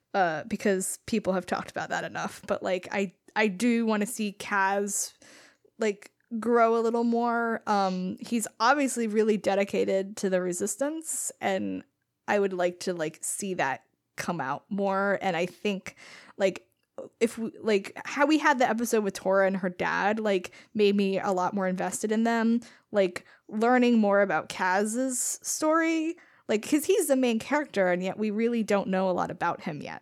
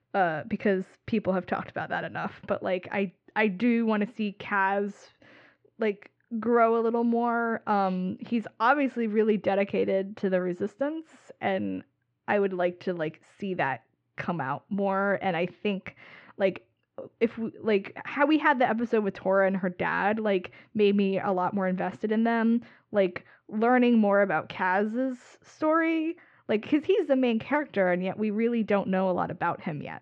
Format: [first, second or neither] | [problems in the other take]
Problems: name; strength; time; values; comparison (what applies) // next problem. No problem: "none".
first | muffled; very; fading above 3 kHz